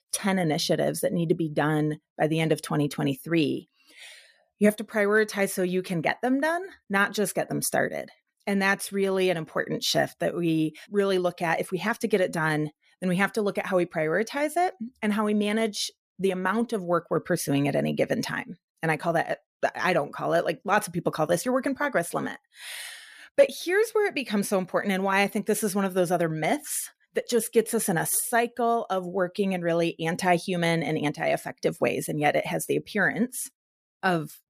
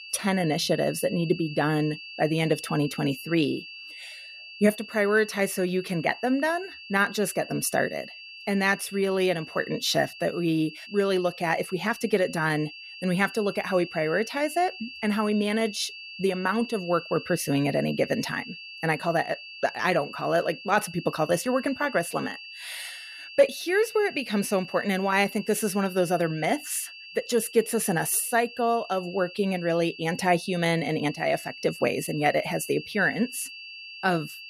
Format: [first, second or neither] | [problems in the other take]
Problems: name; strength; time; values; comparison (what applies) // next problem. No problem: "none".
first | high-pitched whine; noticeable; throughout; 2.5 kHz, 15 dB below the speech